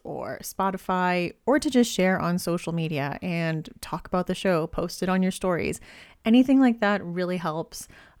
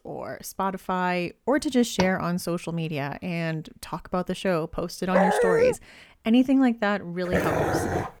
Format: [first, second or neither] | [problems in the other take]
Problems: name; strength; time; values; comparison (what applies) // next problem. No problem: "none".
first | door banging; noticeable; at 2 s; peak 6 dB below the speech // dog barking; loud; at 5 s and at 7.5 s; peak 5 dB above the speech